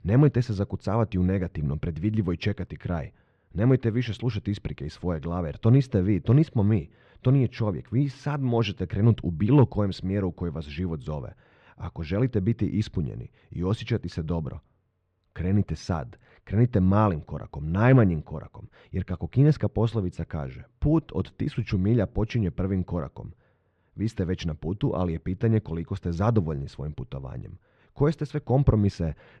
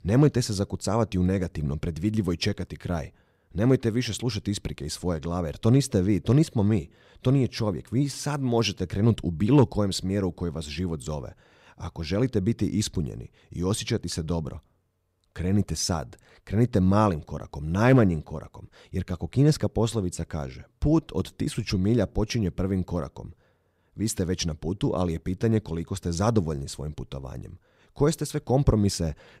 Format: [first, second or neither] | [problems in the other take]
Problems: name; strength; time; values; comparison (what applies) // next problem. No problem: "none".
second | muffled; slightly; fading above 2.5 kHz